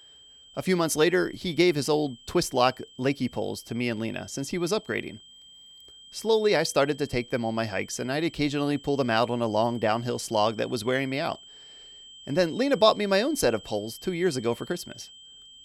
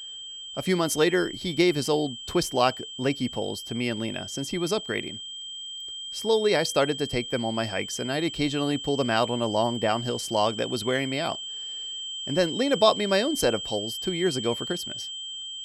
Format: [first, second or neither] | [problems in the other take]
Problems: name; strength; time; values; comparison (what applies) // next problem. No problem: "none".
first | high-pitched whine; loud; throughout; 3 kHz, 8 dB below the speech; faint in the first